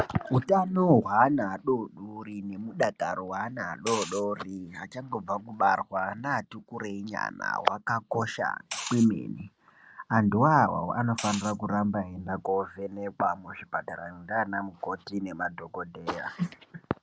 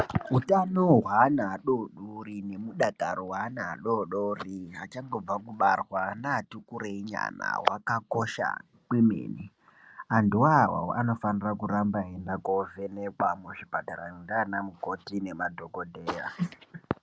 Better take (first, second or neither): second